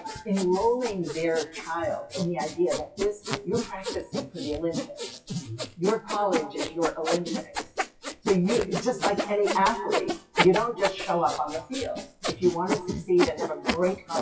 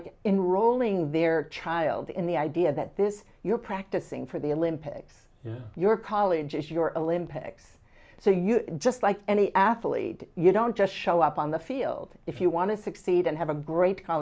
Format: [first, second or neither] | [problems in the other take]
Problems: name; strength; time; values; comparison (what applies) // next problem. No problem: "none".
second | noise reduction (classical method WPE with log-MMSE)